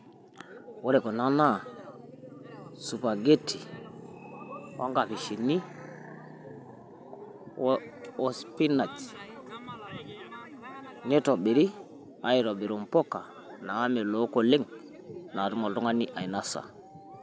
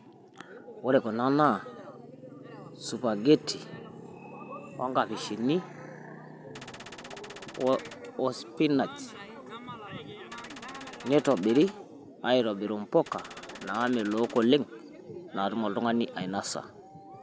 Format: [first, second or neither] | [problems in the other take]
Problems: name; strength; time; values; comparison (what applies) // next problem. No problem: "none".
first | background sound (Gunshot, gunfire); 16 dB below the speech